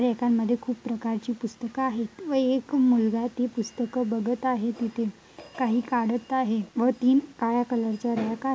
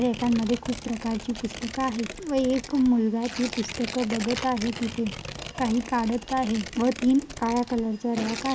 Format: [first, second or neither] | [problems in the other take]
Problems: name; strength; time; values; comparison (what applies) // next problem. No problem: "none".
first | background sound (Tearing); 12 dB below the speech